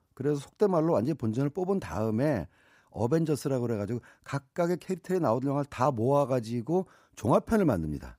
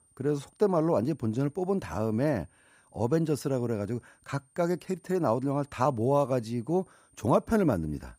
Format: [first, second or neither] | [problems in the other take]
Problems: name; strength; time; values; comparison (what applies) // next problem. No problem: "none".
first | high-pitched whine; faint; throughout; 9 kHz, 35 dB below the speech